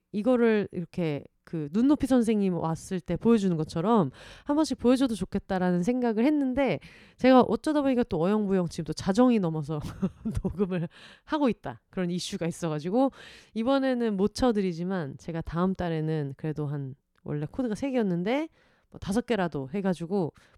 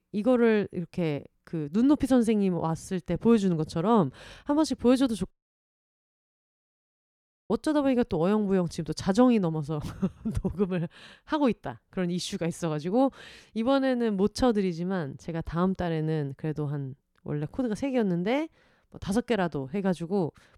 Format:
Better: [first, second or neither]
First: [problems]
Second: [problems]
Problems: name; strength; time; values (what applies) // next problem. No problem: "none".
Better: first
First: none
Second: audio cutting out; at 5.5 s for 2 s